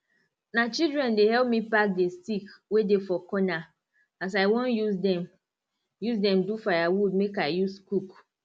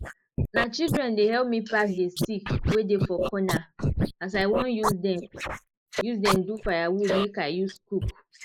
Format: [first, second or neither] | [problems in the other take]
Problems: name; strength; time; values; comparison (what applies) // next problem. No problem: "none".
first | noise reduction (neural mask model Resemble Enhance denoiser)